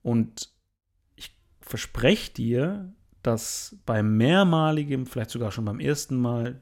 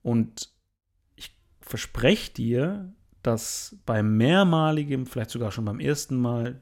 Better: neither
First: none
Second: none

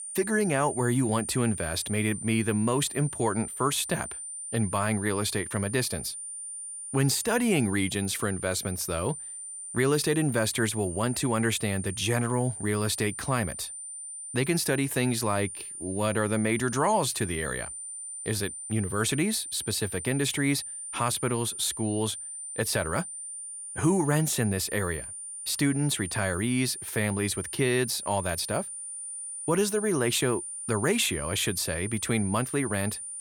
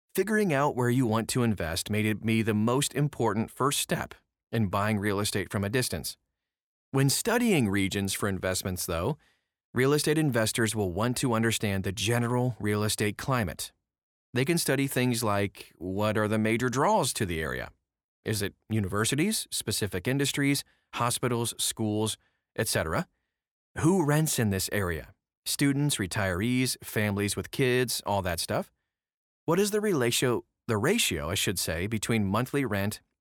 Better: second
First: high-pitched whine; loud; throughout; 9 kHz, 8 dB below the speech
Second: none

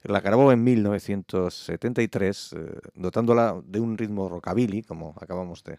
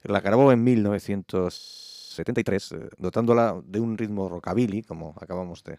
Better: first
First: none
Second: audio freezing; at 1.5 s for 0.5 s

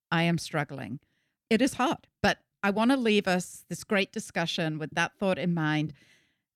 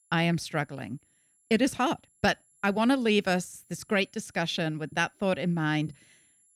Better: first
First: none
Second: high-pitched whine; faint; throughout; 11 kHz, 35 dB below the speech

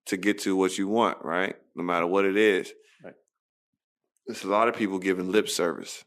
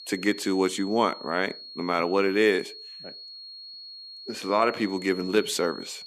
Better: first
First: none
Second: high-pitched whine; noticeable; throughout; 4.5 kHz, 15 dB below the speech

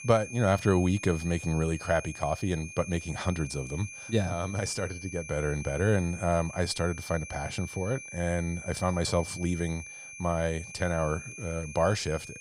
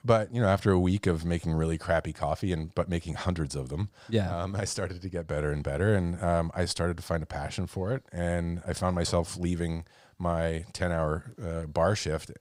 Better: second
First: high-pitched whine; noticeable; throughout; 2.5 kHz, 10 dB below the speech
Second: none

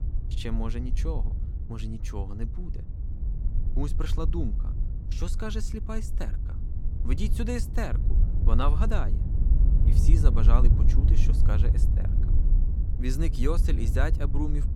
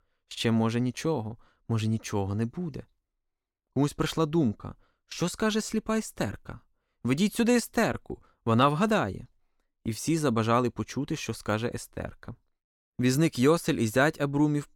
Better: second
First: wind noise on the microphone; heavy; 7 dB below the speech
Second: none

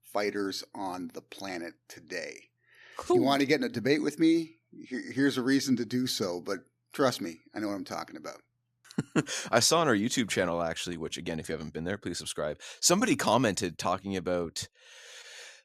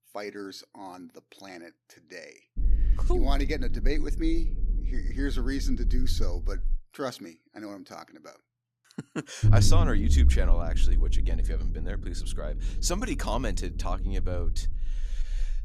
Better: first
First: none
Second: low rumble; loud; from 2.5 to 7 s and from 9.5 s on; 10 dB below the speech

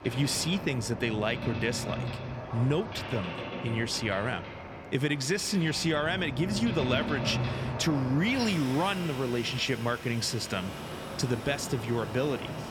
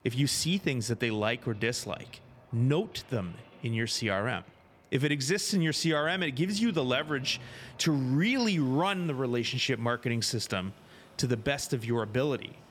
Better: second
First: train or aircraft noise; loud; throughout; 7 dB below the speech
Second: train or aircraft noise; faint; throughout; 25 dB below the speech

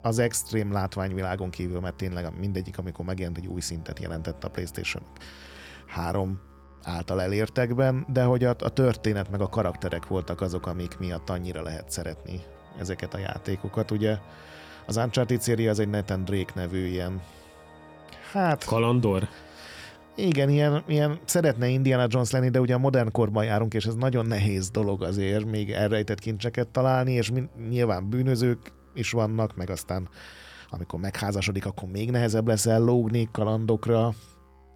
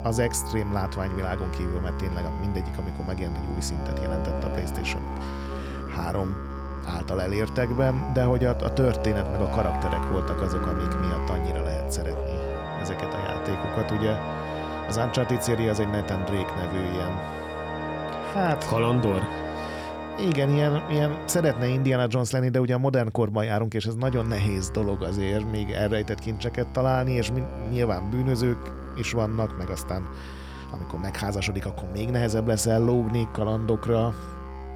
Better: first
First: background music; faint; throughout; 25 dB below the speech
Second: background music; loud; throughout; 6 dB below the speech

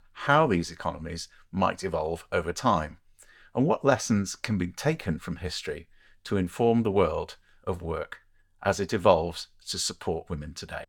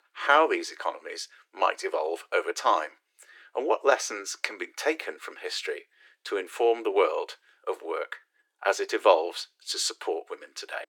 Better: first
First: none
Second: thin; very; fading below 300 Hz

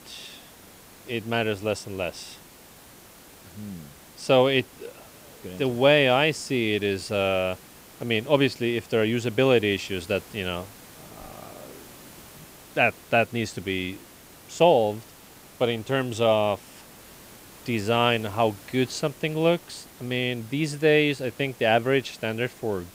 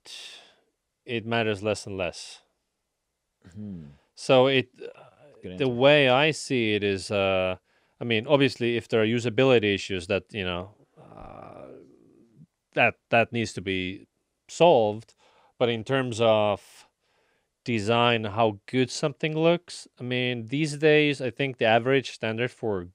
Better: second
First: hiss; faint; throughout; 20 dB below the speech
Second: none

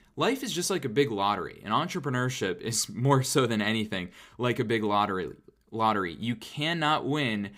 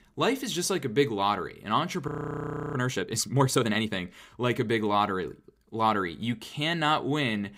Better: first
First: none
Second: audio freezing; at 2 s for 0.5 s

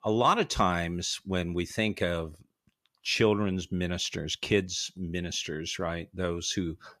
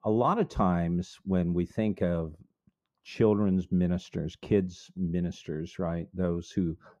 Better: first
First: none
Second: muffled; very; fading above 1.5 kHz

